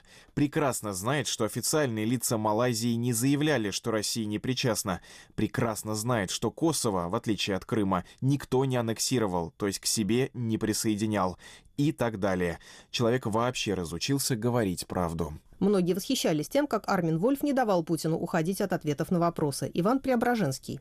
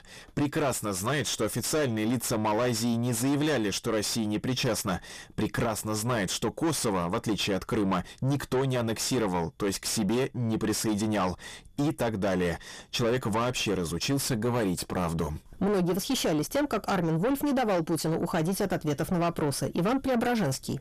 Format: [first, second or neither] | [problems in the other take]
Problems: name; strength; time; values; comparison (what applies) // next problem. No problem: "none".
first | distortion; heavy; 7 dB below the speech